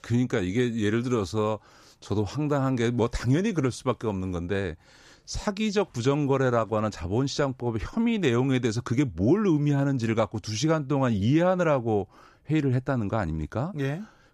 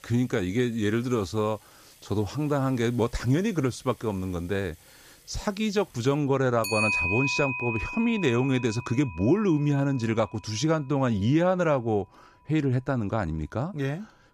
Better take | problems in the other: first | household noises; loud; throughout; 3 dB below the speech

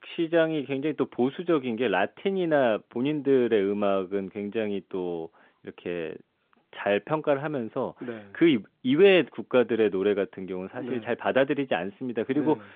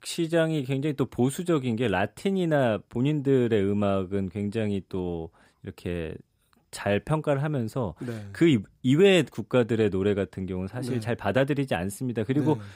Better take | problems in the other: second | phone-call audio; nothing above 3.5 kHz

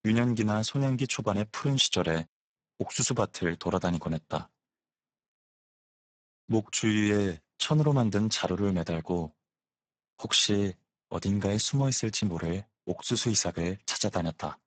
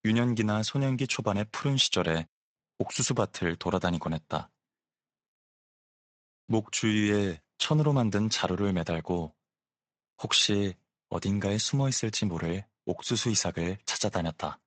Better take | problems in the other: second | garbled, watery; badly; nothing above 8 kHz; slightly in the second

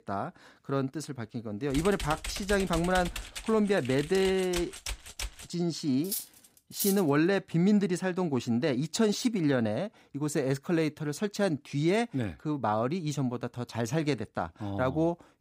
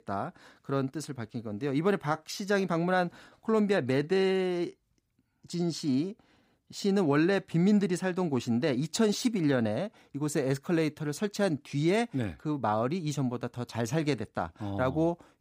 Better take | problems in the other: second | keyboard typing; noticeable; from 1.5 to 5.5 s; peak 7 dB below the speech // clattering dishes; noticeable; at 6 s; peak 3 dB below the speech

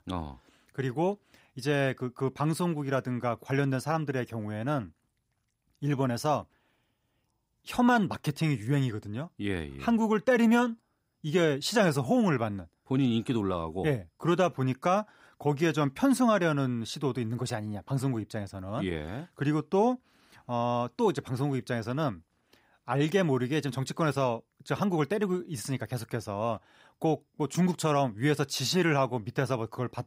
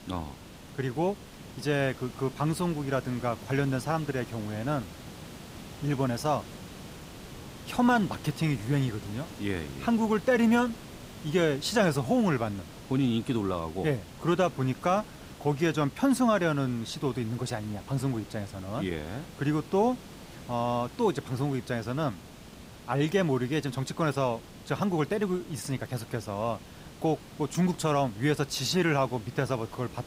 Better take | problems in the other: first | hiss; noticeable; throughout; 15 dB below the speech

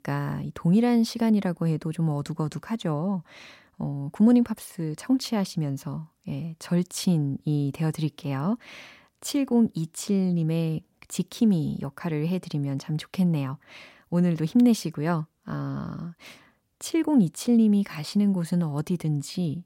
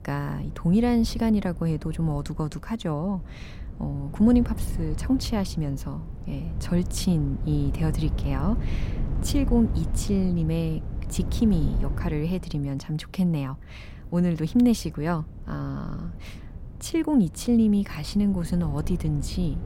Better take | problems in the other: first | wind noise on the microphone; occasional gusts; 15 dB below the speech

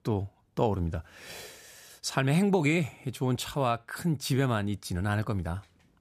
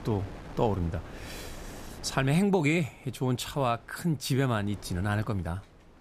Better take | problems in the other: first | wind noise on the microphone; occasional gusts; 20 dB below the speech

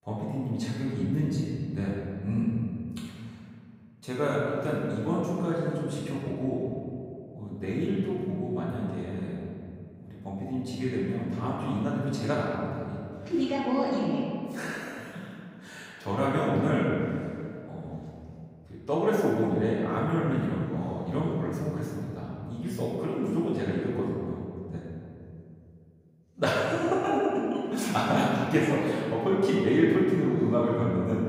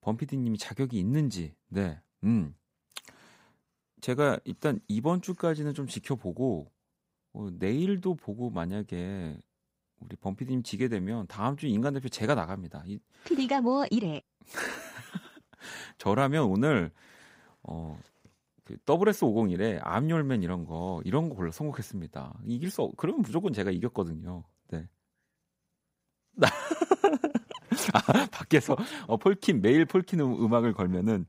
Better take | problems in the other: second | off-mic speech; far // room echo; strong; dies away in 2.3 s

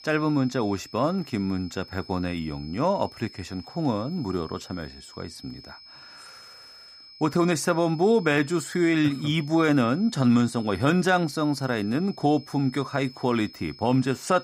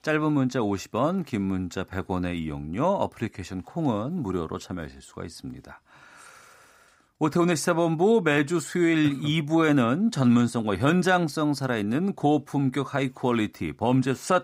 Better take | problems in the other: second | high-pitched whine; faint; throughout; 5 kHz, 20 dB below the speech

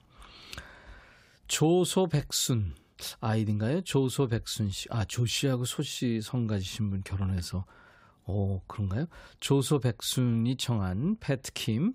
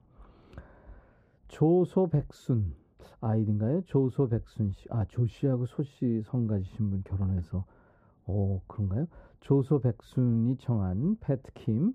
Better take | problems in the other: first | muffled; very; fading above 1.5 kHz

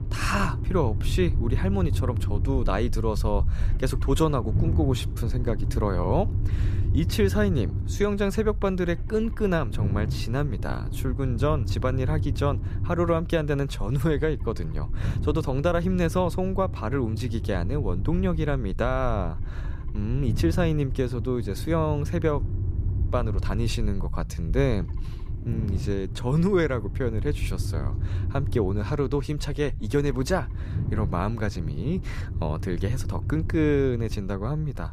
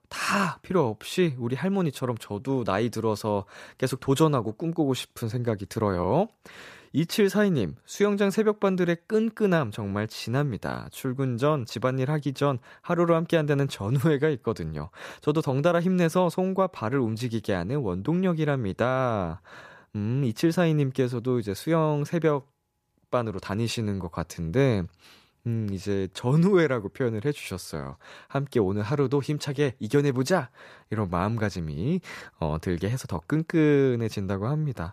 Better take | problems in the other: second | low rumble; noticeable; throughout; 15 dB below the speech

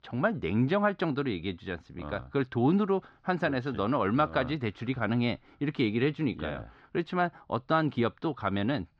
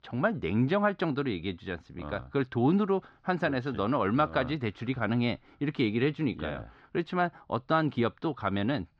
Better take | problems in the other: neither | muffled; very slightly; fading above 4.5 kHz; the same in both

